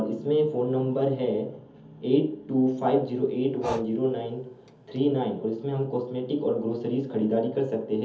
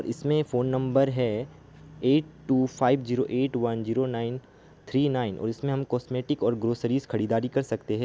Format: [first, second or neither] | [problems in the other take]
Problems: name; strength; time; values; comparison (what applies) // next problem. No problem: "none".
second | background sound (Breathing); 16 dB below the speech // room echo; dies away in 0.7 s